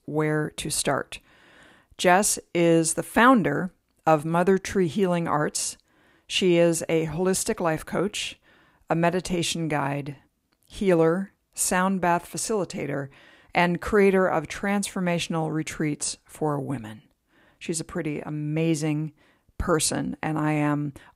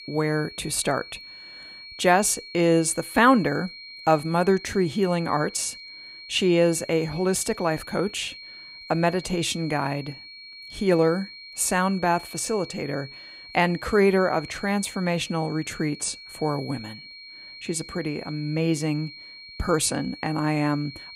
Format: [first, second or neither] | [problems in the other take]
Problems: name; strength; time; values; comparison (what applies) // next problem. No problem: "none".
first | high-pitched whine; noticeable; throughout; 4 kHz, 15 dB below the speech